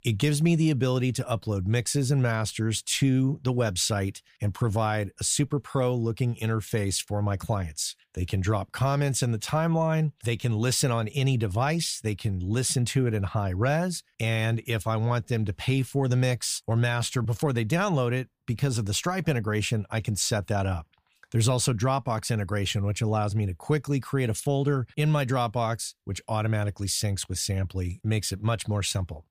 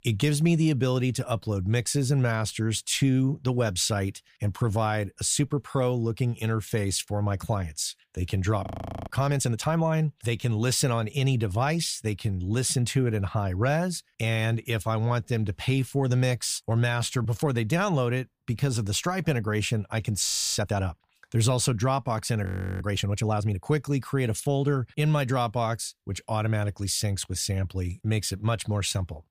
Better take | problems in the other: first | audio freezing; at 8.5 s, at 20 s and at 22 s

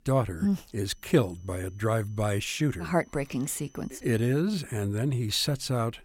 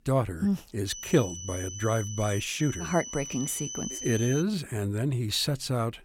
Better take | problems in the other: first | high-pitched whine; loud; from 1 to 4.5 s; 6 kHz, 8 dB below the speech; faint in the first

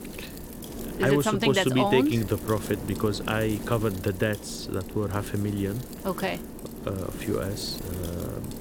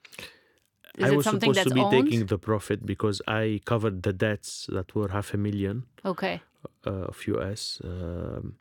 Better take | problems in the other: second | wind noise on the microphone; occasional gusts; 10 dB below the speech

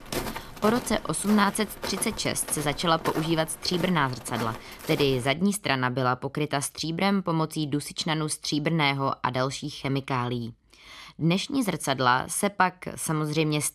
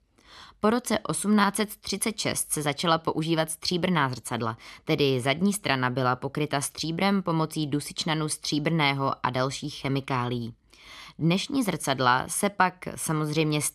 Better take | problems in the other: second | footsteps; noticeable; until 5.5 s; peak 6 dB below the speech

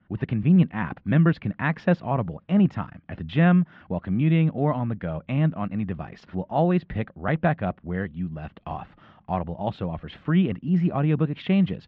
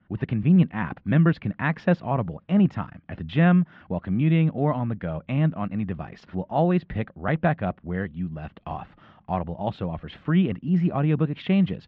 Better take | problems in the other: neither | muffled; very; fading above 3 kHz; the same in both

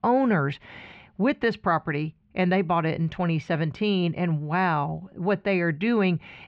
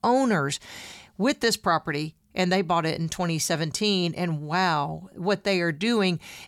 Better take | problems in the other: second | muffled; very; fading above 2.5 kHz

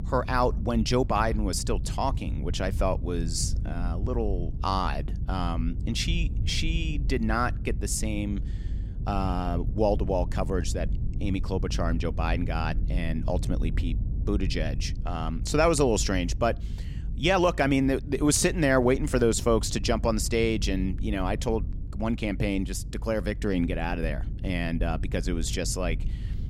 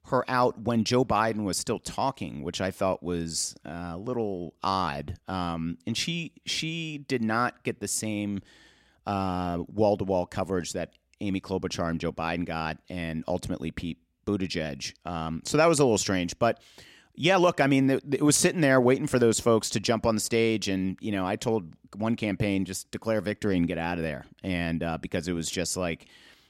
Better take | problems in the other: second | low rumble; noticeable; throughout; 20 dB below the speech

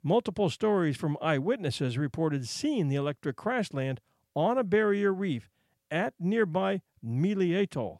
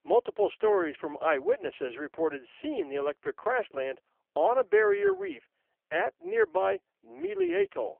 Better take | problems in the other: first | phone-call audio; poor line; nothing above 3 kHz

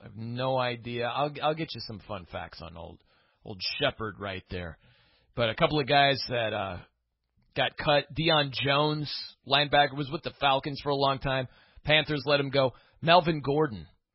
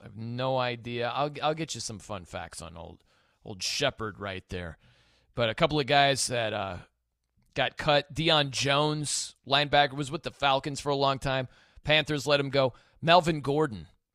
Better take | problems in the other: second | garbled, watery; badly; nothing above 5.5 kHz

